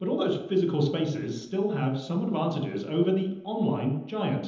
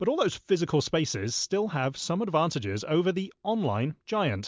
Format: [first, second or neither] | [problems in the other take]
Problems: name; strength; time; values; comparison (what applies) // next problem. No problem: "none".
second | room echo; dies away in 0.9 s